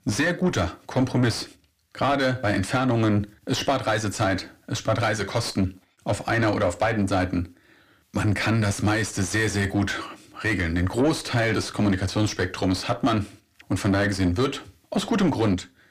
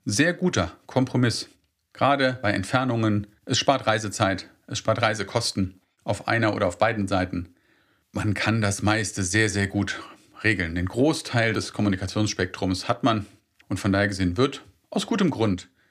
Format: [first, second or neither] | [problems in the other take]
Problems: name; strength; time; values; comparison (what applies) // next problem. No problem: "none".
second | distortion; heavy; 7 dB below the speech